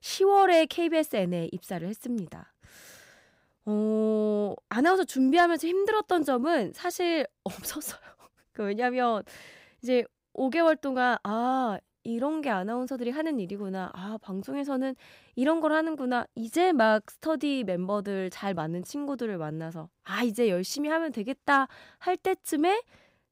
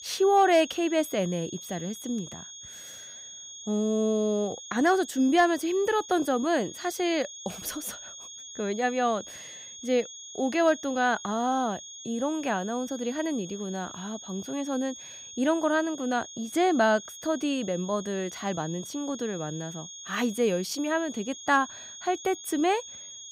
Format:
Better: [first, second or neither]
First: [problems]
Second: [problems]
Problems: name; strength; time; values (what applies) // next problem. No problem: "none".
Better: first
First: none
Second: high-pitched whine; noticeable; throughout; 6.5 kHz, 15 dB below the speech